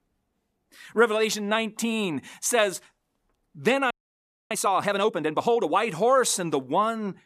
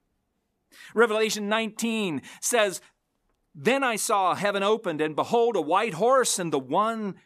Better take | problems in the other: second | audio freezing; at 4 s for 0.5 s

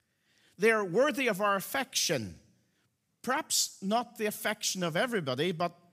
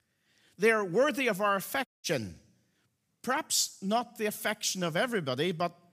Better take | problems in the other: first | audio cutting out; at 2 s

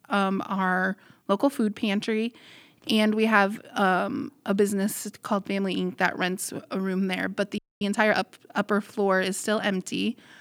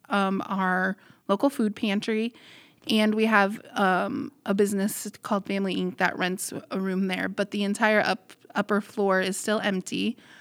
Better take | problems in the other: second | audio freezing; at 7.5 s

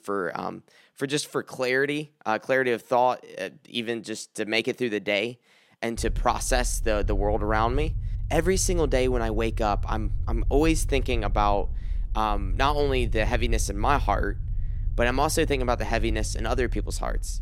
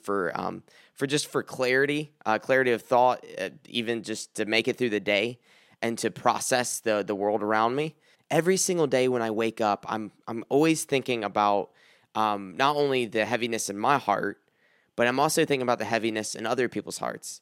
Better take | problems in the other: second | low rumble; faint; from 6 s on; 25 dB below the speech

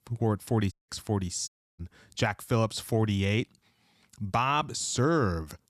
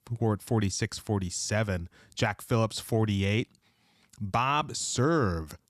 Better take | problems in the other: second | audio cutting out; at 0.5 s and at 1.5 s

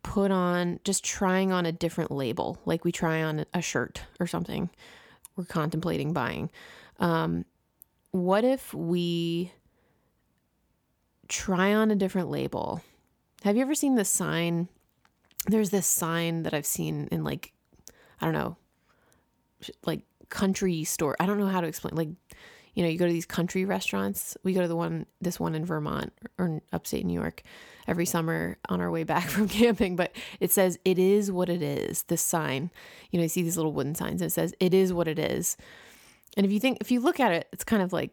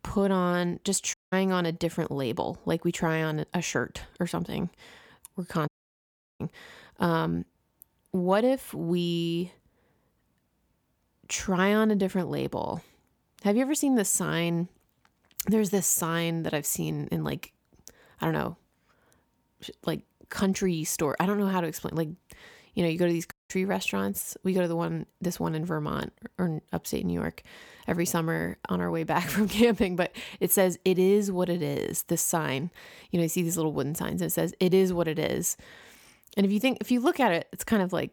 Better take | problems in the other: first | audio cutting out; at 1 s, at 5.5 s for 0.5 s and at 23 s

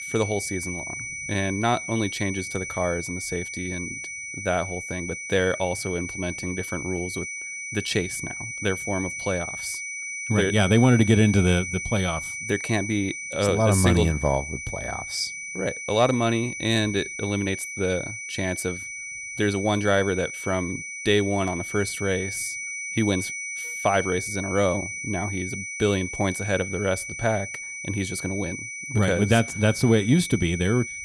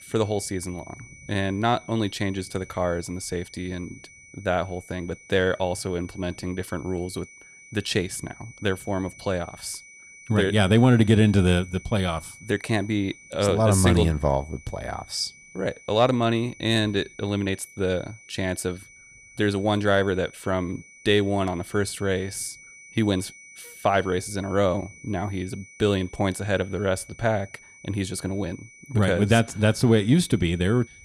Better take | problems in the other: second | high-pitched whine; loud; throughout; 2.5 kHz, 6 dB below the speech; faint in the second

